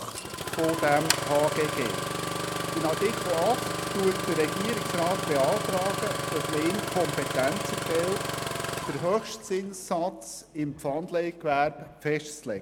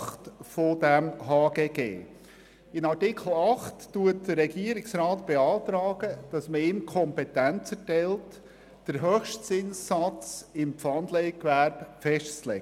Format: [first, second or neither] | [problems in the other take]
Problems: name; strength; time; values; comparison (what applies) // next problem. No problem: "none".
second | background sound (Engine starting); 3 dB below the speech